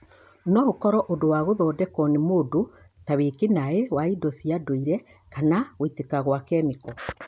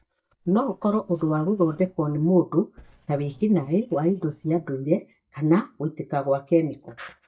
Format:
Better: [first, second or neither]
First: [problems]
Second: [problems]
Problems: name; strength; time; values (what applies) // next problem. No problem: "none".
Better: first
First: none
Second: noise reduction (neural mask model DeepFilterNet 3)